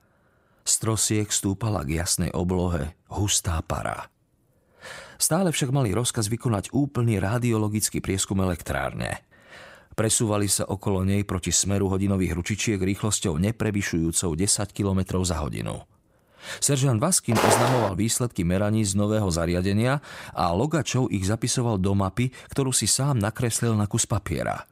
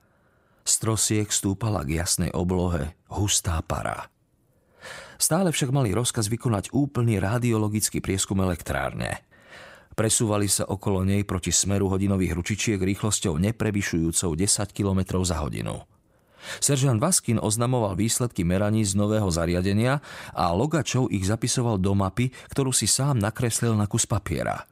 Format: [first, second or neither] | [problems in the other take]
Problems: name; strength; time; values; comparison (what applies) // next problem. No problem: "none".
second | footsteps; loud; at 17 s; peak 3 dB above the speech